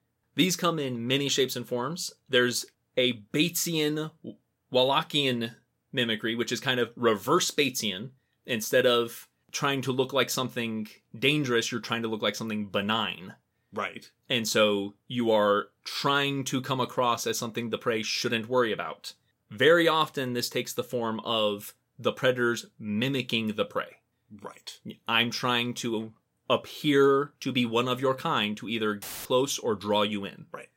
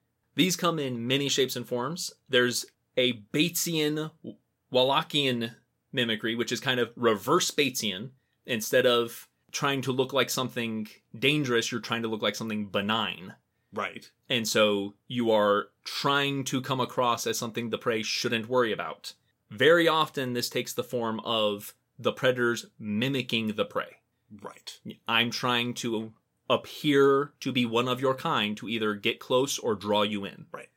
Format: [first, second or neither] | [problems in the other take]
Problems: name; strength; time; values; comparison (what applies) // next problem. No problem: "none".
second | audio cutting out; filled with static; at 29 s